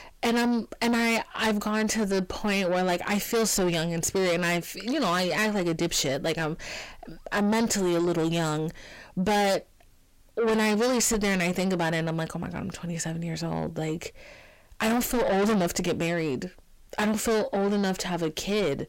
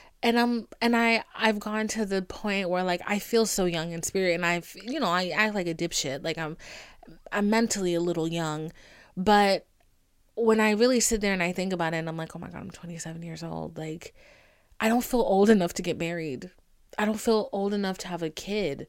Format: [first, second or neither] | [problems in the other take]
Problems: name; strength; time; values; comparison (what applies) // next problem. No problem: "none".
second | distortion; heavy; 6 dB below the speech